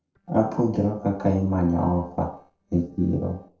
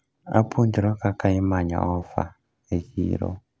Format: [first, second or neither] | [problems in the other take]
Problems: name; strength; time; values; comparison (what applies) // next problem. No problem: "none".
second | noise reduction (neural separator model SepFormer DNS4)